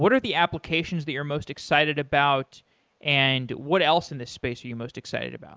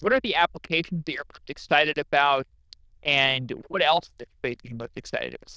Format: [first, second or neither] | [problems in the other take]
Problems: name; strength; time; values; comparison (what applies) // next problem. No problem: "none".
first | noise reduction (neural diffusion model UNIVERSE++)